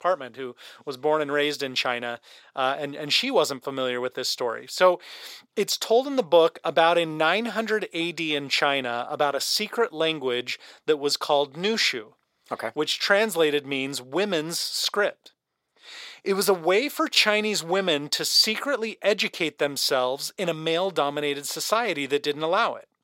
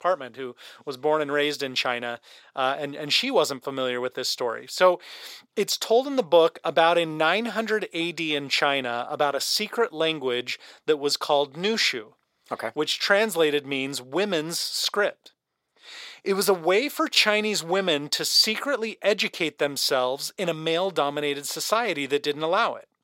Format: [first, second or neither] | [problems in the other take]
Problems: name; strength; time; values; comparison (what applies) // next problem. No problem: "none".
neither | thin; very; fading below 550 Hz; the same in both